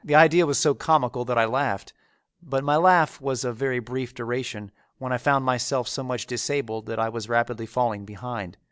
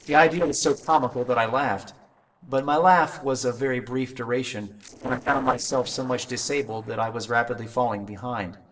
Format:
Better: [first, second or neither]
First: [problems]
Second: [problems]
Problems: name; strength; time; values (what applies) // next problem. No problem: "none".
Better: first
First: none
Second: noise reduction (neural separator model SepFormer DNS4)